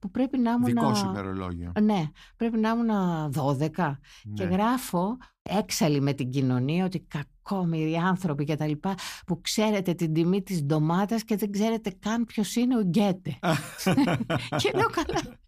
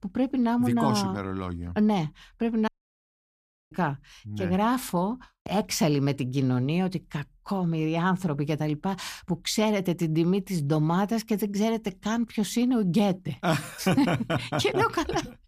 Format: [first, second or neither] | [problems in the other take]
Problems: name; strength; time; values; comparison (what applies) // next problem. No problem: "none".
first | audio cutting out; at 2.5 s for 1 s